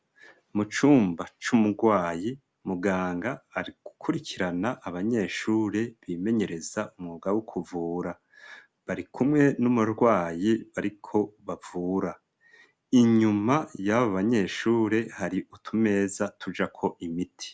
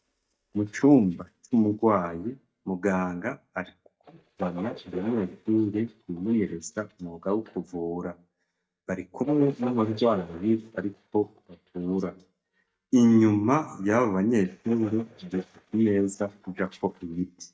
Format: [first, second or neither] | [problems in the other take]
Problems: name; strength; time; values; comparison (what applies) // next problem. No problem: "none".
first | noise reduction (neural mask model DeepFilterNet 3)